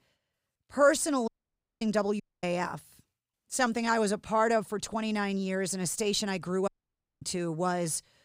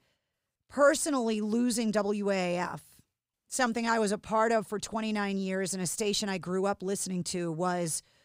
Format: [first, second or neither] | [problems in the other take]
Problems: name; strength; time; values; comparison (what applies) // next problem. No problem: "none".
second | audio cutting out; at 1.5 s for 0.5 s, at 2 s and at 6.5 s for 0.5 s